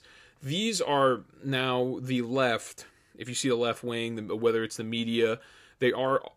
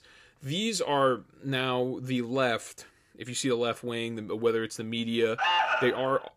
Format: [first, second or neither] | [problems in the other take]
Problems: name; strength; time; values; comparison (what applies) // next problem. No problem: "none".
first | alarm; loud; at 5.5 s; peak 5 dB above the speech